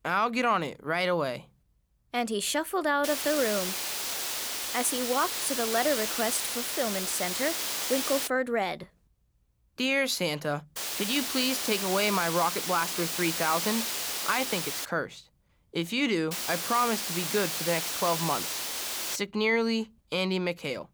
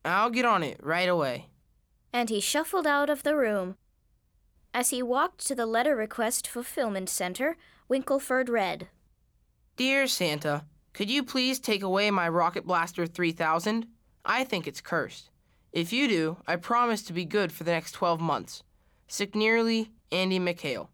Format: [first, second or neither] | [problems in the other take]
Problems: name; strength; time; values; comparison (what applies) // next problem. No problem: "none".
second | hiss; loud; from 3 to 8.5 s, from 11 to 15 s and from 16 to 19 s; 1 dB below the speech